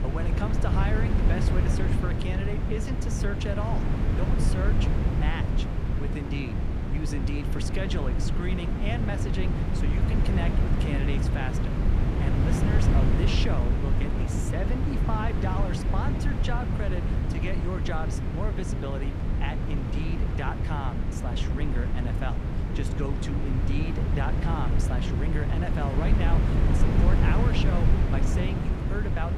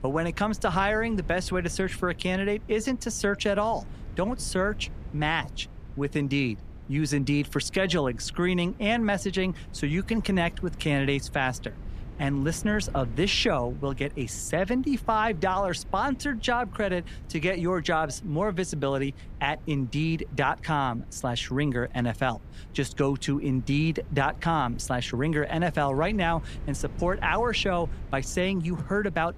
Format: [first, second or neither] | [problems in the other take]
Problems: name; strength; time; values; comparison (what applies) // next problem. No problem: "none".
second | wind noise on the microphone; heavy; as loud as the speech; occasional gusts in the second